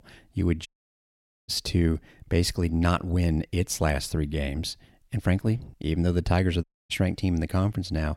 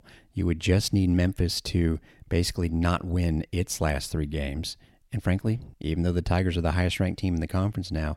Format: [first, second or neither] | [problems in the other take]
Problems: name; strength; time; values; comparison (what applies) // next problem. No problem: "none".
second | audio cutting out; at 0.5 s for 1 s and at 6.5 s